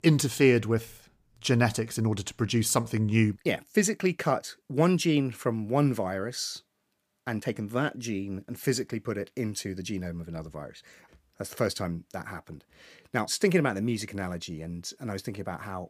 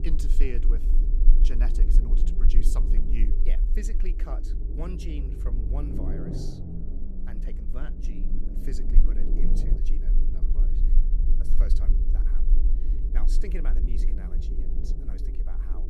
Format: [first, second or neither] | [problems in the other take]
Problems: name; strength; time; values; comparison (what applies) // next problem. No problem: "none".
first | low rumble; loud; throughout; 2 dB below the speech